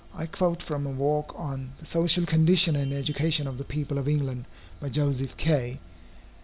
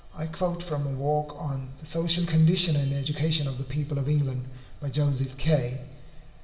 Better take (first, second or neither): first